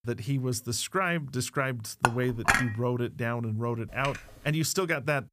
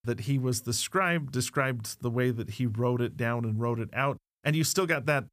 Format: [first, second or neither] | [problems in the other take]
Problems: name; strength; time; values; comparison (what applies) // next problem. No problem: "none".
second | clattering dishes; loud; at 2 s; peak 5 dB above the speech // keyboard typing; noticeable; at 4 s; peak 9 dB below the speech